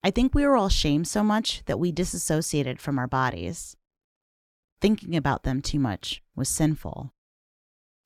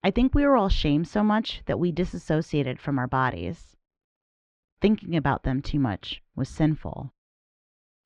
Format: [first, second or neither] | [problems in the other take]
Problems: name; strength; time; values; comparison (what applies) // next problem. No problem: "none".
first | muffled; slightly; fading above 3 kHz